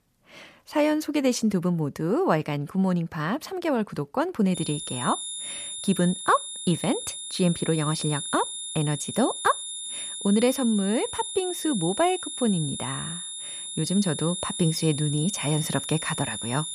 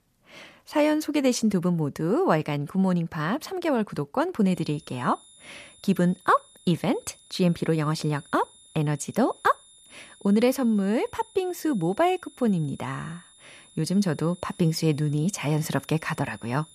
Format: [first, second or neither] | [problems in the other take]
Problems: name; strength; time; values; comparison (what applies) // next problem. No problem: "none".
second | high-pitched whine; loud; from 4.5 s on; 3.5 kHz, 6 dB below the speech; faint in the second